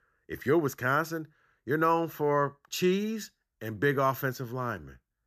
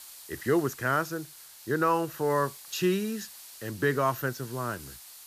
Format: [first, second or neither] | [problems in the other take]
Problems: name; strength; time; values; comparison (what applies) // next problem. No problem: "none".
first | hiss; noticeable; throughout; 15 dB below the speech